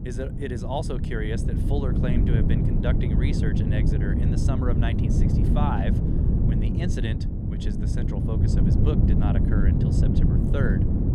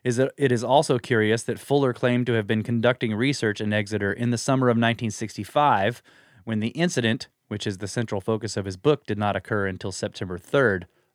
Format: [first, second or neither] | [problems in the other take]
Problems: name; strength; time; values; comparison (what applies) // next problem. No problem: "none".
second | wind noise on the microphone; heavy; 1 dB above the speech